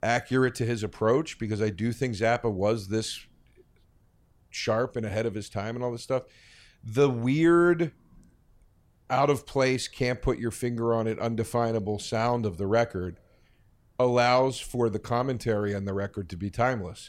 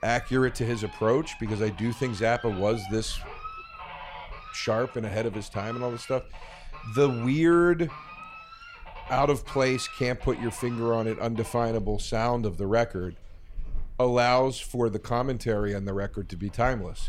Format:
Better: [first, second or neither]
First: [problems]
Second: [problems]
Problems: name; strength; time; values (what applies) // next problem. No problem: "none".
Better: first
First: none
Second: animal sounds; noticeable; throughout; 15 dB below the speech